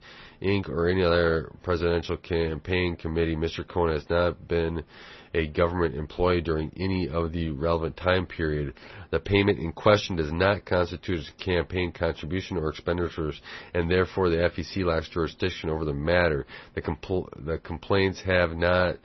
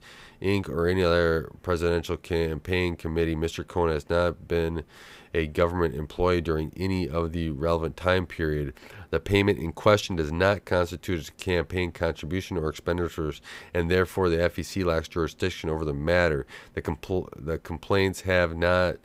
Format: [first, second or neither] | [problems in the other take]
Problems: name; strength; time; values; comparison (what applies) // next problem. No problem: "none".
second | garbled, watery; slightly; nothing above 6 kHz